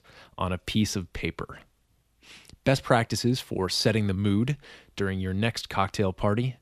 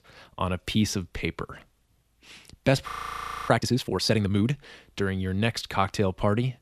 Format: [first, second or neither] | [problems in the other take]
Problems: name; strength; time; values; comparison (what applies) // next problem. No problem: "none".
first | audio freezing; at 3 s for 0.5 s